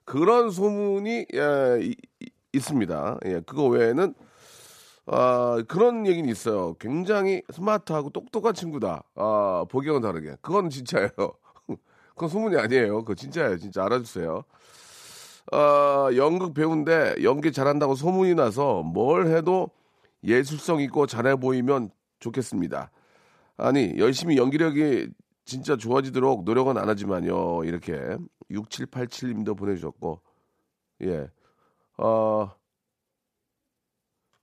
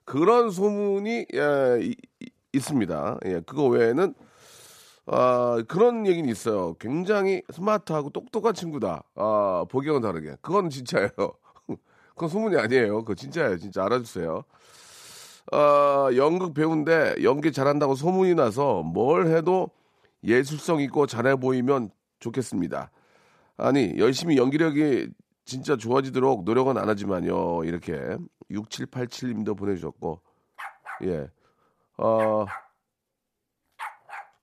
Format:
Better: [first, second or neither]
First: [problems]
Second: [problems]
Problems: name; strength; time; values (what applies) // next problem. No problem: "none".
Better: first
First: none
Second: dog barking; faint; from 31 s on; peak 10 dB below the speech